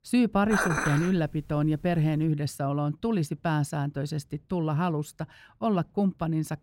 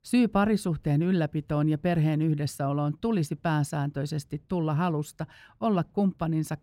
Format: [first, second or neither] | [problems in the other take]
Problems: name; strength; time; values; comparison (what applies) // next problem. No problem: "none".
second | clattering dishes; loud; until 2 s; peak 1 dB above the speech